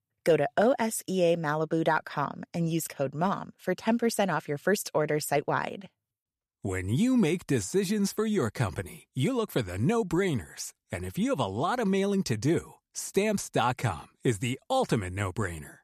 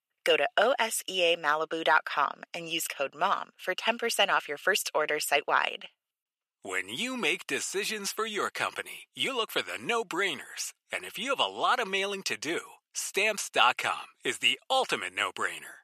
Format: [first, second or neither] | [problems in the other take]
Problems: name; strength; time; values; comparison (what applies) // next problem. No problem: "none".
first | thin; very; fading below 550 Hz